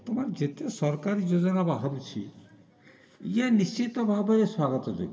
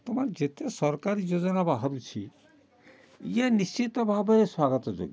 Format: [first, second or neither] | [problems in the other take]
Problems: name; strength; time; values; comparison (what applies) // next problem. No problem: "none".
second | room echo; dies away in 1.6 s